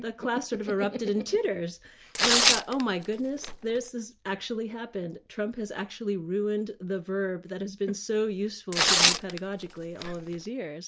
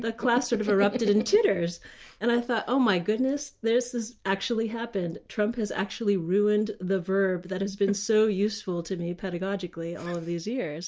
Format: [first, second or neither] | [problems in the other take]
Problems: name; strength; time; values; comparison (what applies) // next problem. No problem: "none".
second | background sound (Tearing); 4 dB above the speech